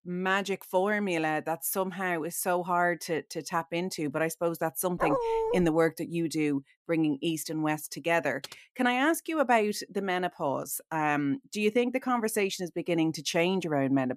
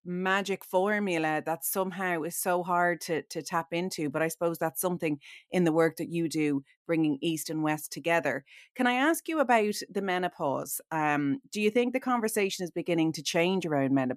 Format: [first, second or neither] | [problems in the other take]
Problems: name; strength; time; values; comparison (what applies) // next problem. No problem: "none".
second | dog barking; loud; at 5 s; peak 1 dB above the speech // keyboard typing; faint; at 8.5 s; peak 15 dB below the speech